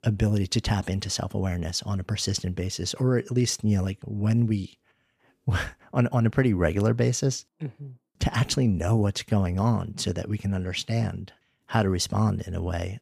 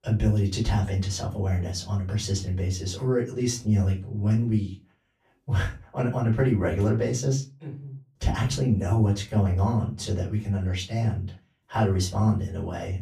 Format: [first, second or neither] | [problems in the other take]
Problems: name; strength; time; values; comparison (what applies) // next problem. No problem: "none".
first | off-mic speech; far // room echo; very slight; dies away in 0.3 s